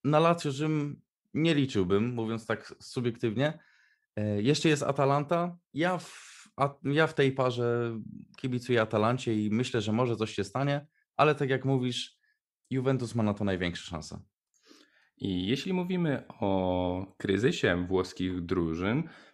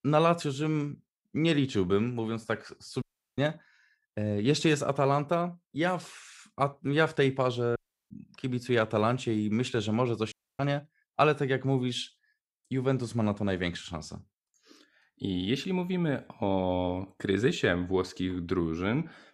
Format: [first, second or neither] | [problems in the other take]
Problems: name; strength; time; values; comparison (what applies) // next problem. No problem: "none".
first | audio cutting out; at 3 s, at 8 s and at 10 s